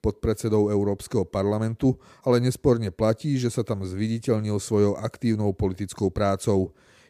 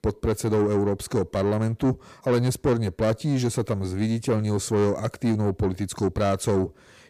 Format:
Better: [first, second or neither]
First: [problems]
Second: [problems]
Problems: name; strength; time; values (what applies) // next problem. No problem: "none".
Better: first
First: none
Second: distortion; slight; 10 dB below the speech